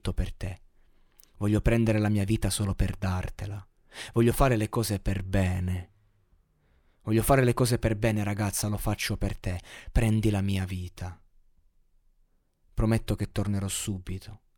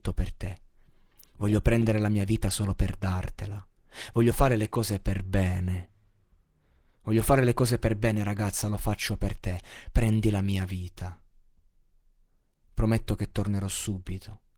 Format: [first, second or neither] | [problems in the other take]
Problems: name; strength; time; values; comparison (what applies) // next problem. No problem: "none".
first | garbled, watery; slightly; nothing above 17.5 kHz